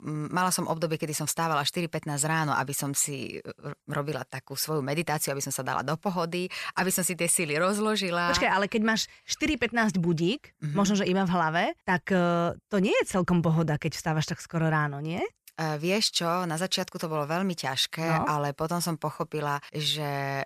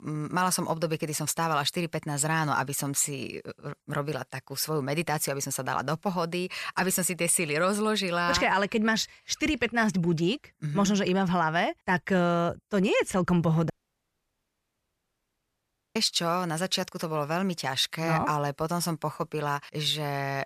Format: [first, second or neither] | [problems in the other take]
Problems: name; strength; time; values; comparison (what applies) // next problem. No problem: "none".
first | audio cutting out; at 14 s for 2.5 s